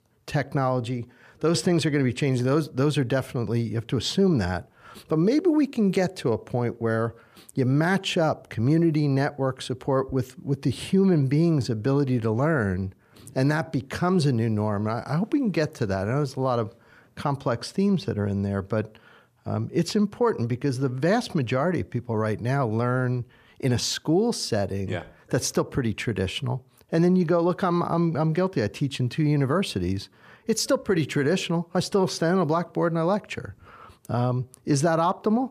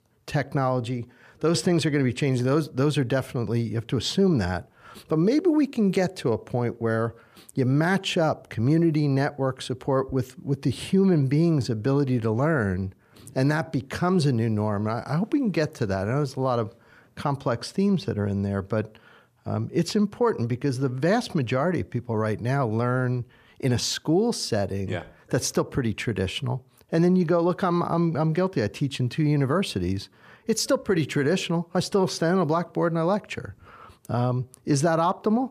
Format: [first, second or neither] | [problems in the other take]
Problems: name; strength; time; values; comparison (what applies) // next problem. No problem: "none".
neither | none